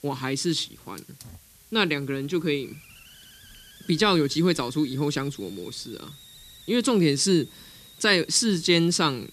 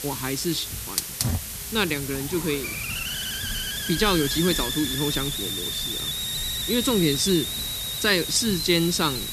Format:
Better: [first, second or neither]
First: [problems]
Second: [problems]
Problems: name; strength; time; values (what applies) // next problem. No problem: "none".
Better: first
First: hiss; faint; throughout; 25 dB below the speech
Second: hiss; loud; throughout; 3 dB below the speech